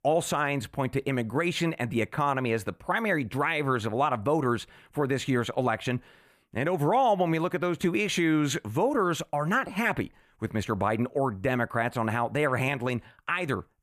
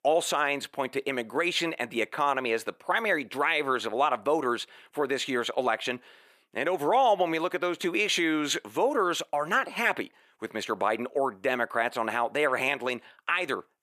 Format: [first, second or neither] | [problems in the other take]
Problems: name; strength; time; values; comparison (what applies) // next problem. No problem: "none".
first | thin; somewhat; fading below 400 Hz